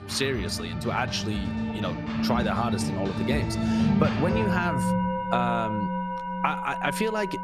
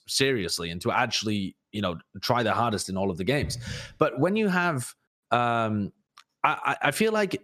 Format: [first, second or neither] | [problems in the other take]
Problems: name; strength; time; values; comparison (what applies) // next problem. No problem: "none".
second | background music; very loud; throughout; 1 dB above the speech